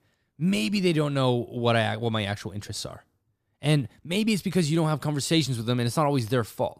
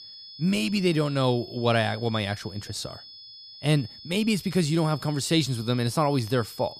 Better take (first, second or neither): first